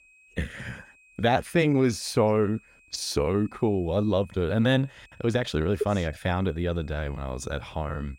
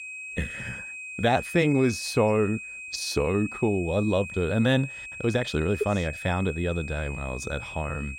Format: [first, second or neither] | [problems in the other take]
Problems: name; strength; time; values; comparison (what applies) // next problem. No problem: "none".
first | high-pitched whine; loud; throughout; 2.5 kHz, 10 dB below the speech; faint in the first